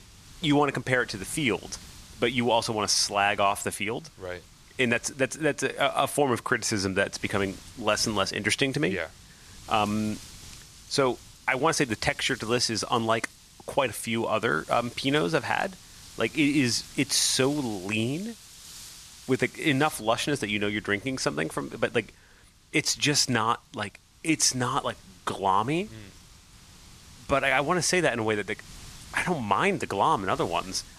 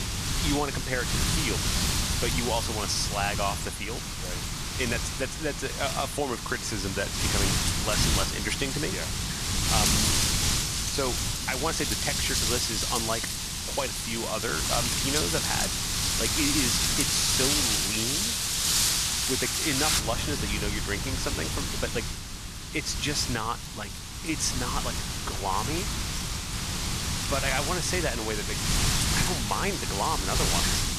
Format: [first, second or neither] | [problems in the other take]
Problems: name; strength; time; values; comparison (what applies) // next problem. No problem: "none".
first | wind noise on the microphone; heavy; 3 dB above the speech; occasional gusts in the first